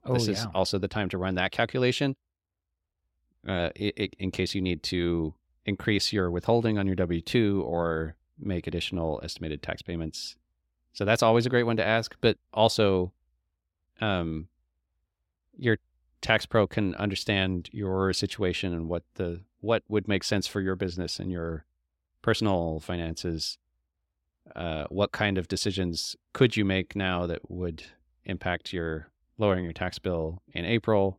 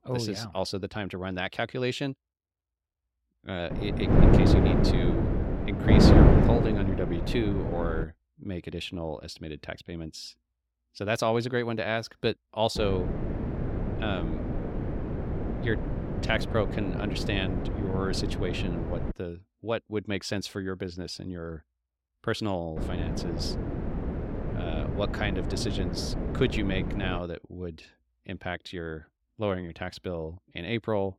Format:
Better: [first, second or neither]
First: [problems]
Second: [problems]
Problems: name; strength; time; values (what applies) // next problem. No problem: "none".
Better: first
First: none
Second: wind noise on the microphone; heavy; from 3.5 to 8 s, from 13 to 19 s and from 23 to 27 s; as loud as the speech